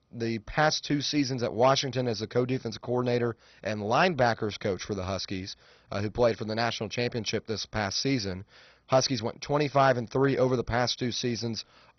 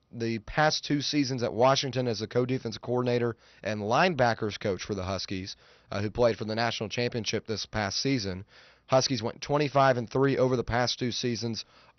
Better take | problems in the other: second | garbled, watery; badly; nothing above 6 kHz; slightly in the second

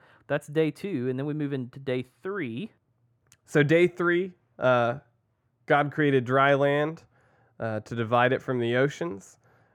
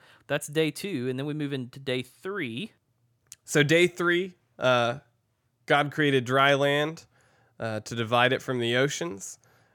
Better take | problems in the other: second | muffled; slightly; fading above 2.5 kHz

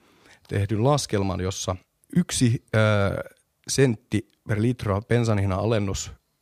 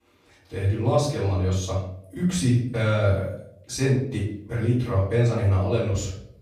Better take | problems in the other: first | off-mic speech; far // room echo; noticeable; dies away in 0.6 s

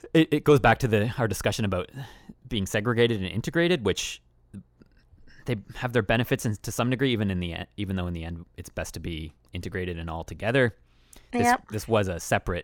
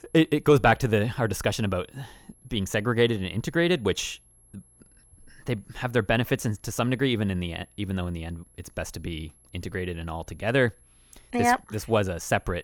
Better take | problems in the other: first | high-pitched whine; faint; throughout; 11 kHz, 30 dB below the speech

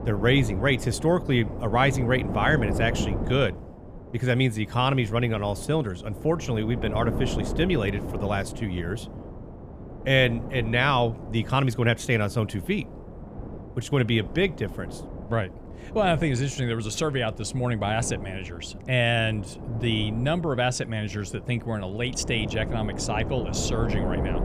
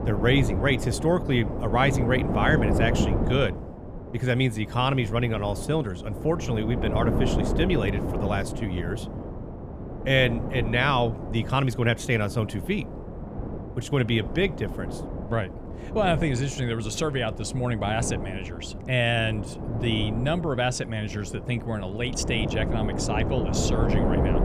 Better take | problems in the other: first | wind noise on the microphone; heavy; 8 dB below the speech; occasional gusts in the first

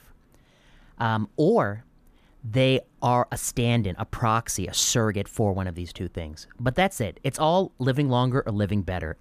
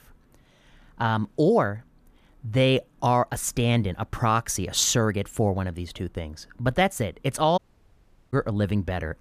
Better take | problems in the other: first | audio cutting out; at 7.5 s for 0.5 s

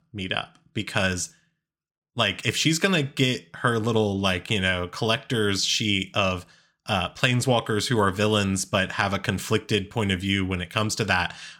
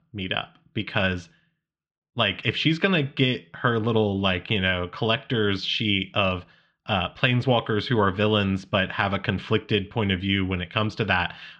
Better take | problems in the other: first | muffled; slightly; fading above 3.5 kHz

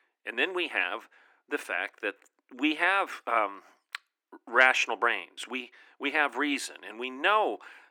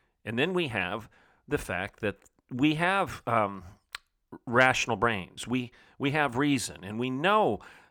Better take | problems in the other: second | thin; somewhat; fading below 300 Hz

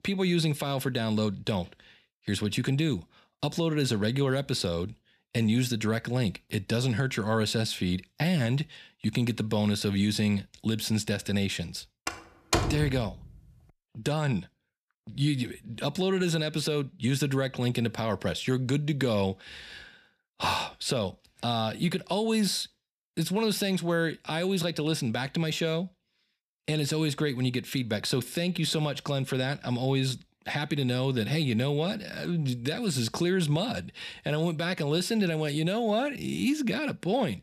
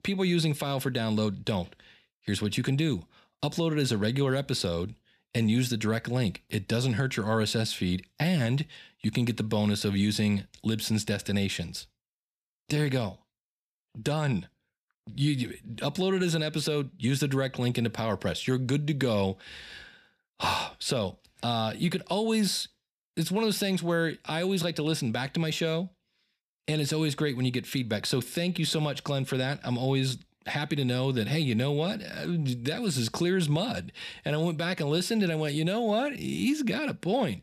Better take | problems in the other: second | door banging; loud; at 12 s; peak 1 dB above the speech

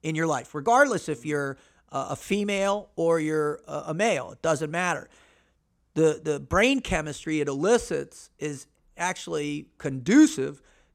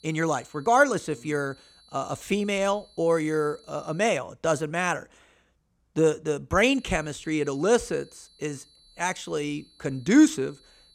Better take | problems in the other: first | high-pitched whine; faint; until 4 s and from 6.5 s on; 4 kHz, 30 dB below the speech

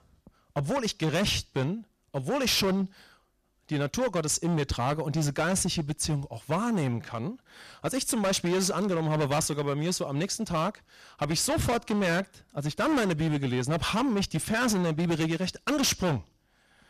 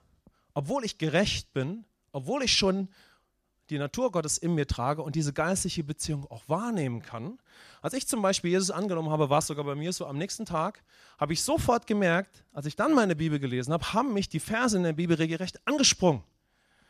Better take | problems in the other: second | distortion; heavy; 16% of the sound clipped

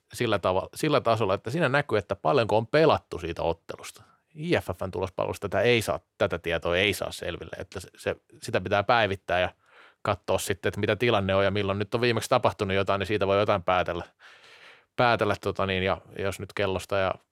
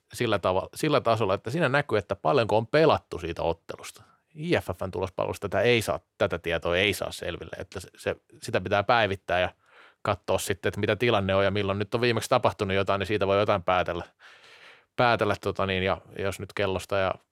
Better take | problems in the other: neither | none

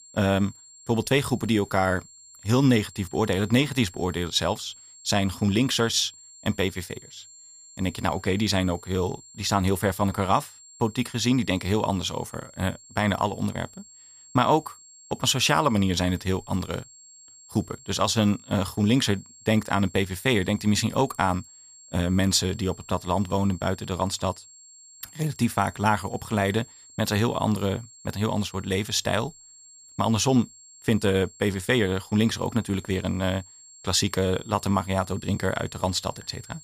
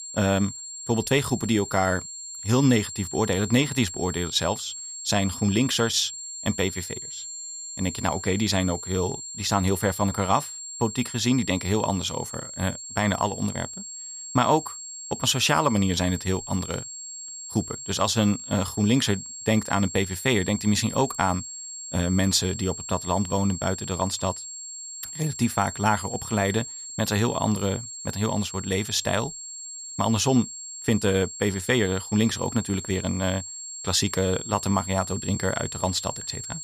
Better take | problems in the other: first | high-pitched whine; loud; throughout; 7.5 kHz, 9 dB below the speech; faint in the first

